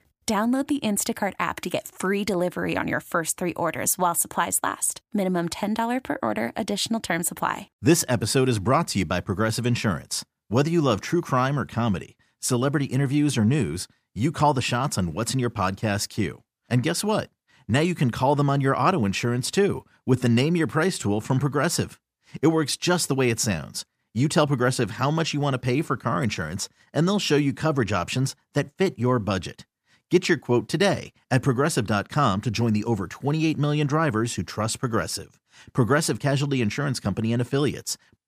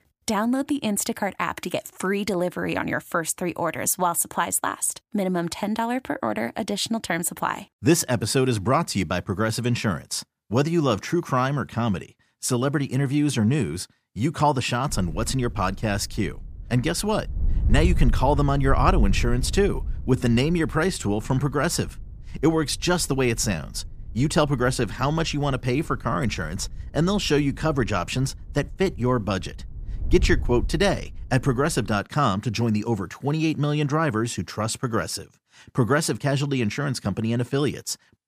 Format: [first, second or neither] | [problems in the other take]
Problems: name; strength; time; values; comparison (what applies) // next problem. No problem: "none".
first | wind noise on the microphone; occasional gusts; from 15 to 32 s; 25 dB below the speech